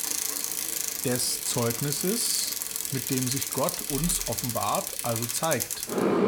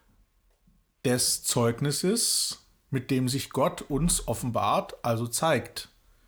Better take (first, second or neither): second